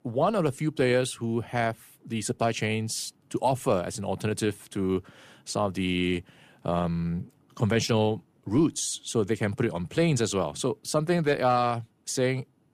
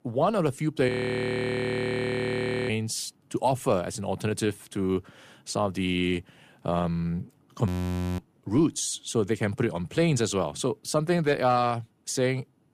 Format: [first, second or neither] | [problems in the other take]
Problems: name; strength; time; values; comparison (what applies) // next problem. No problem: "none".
first | audio freezing; at 1 s for 2 s and at 7.5 s for 0.5 s